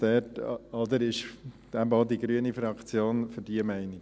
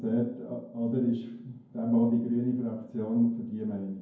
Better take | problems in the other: first | room echo; dies away in 0.9 s

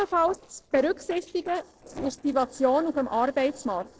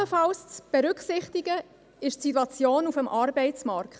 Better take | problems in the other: second | noise reduction (neural separator model SepFormer DNS4)

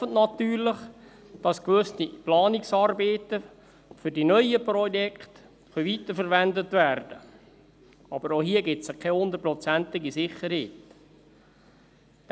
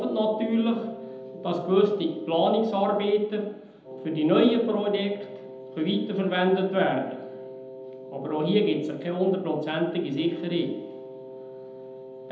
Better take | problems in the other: first | background sound (Wind instrument, woodwind instrument); 15 dB below the speech // room echo; dies away in 0.8 s

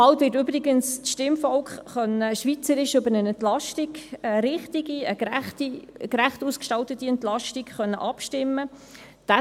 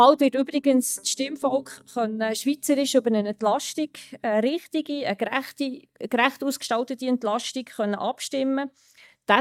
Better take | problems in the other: first | noise reduction (neural mask model DeepFilterNet 3)

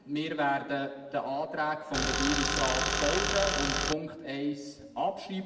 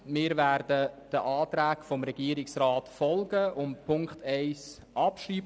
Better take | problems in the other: second | background sound (Tools); 3 dB above the speech // room echo; dies away in 1.2 s

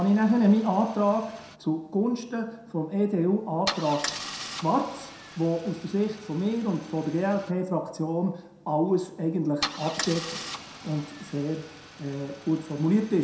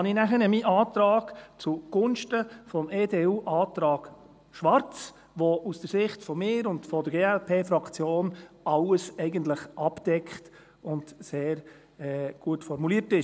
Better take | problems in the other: second | background sound (Idling / Engine starting / Car); 13 dB below the speech // room echo; dies away in 0.6 s

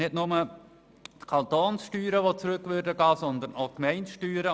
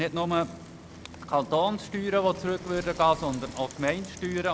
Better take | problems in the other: first | background sound (Bicycle); 15 dB below the speech

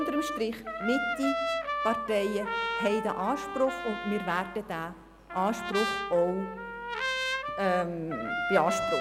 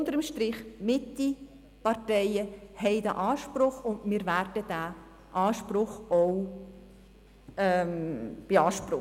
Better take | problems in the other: second | background sound (Trumpet); 3 dB below the speech

